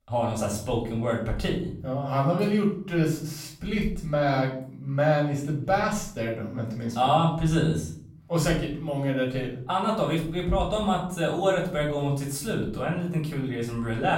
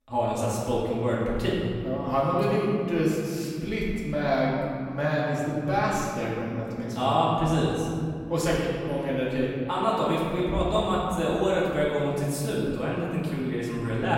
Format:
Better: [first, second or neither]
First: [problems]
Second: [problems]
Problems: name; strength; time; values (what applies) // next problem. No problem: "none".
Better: first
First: room echo; slight; dies away in 0.5 s // off-mic speech; far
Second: room echo; strong; dies away in 2.1 s // off-mic speech; far